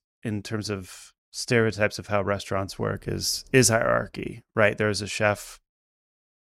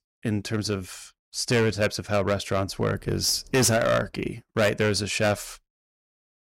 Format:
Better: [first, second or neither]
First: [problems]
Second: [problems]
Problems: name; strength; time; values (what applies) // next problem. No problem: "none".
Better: first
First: none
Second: distortion; heavy; 6% of the sound clipped